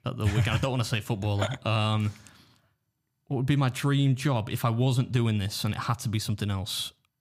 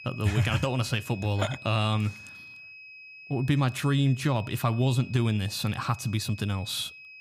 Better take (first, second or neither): first